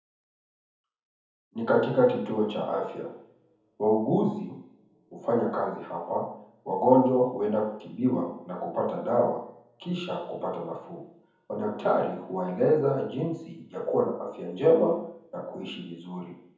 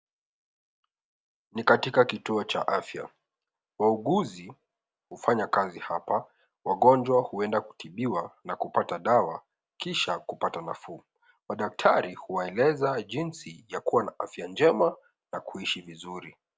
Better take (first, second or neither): second